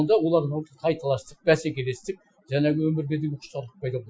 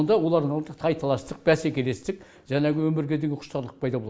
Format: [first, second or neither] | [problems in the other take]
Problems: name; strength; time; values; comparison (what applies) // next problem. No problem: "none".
second | noise reduction (classical method Wiener filter)